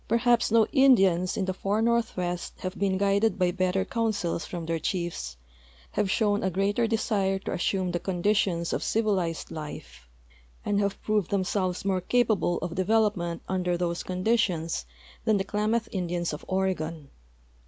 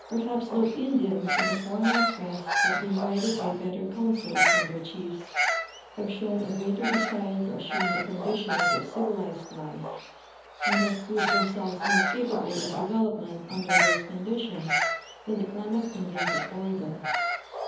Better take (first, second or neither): first